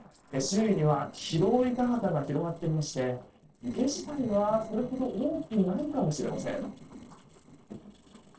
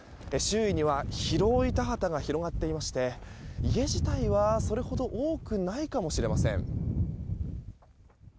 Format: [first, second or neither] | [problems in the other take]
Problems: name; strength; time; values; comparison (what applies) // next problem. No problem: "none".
second | noise reduction (neural separator model SepFormer DNS4)